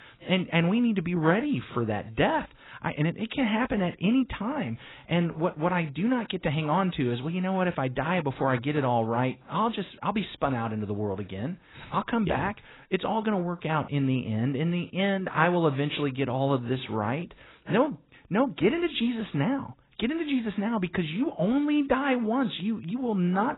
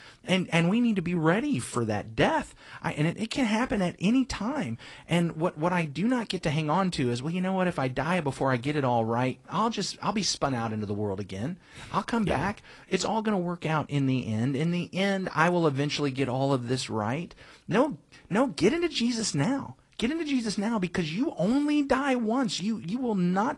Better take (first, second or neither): second